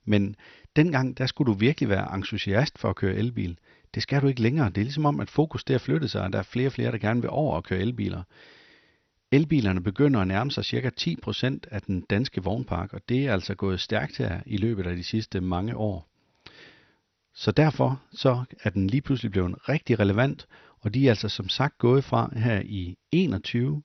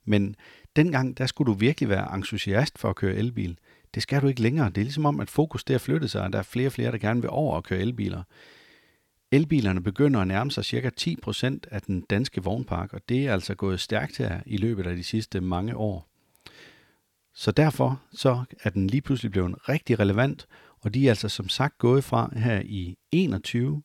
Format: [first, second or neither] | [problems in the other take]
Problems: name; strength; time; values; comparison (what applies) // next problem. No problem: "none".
second | garbled, watery; slightly; nothing above 6 kHz